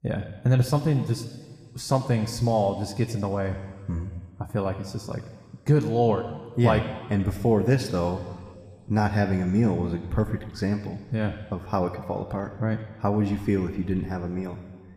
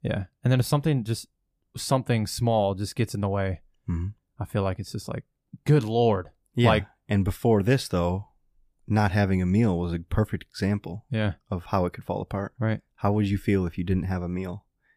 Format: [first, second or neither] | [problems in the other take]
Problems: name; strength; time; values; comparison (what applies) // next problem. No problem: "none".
second | room echo; slight; dies away in 1.8 s